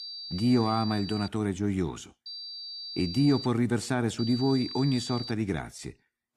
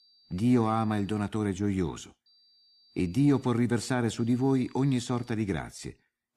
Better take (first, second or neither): second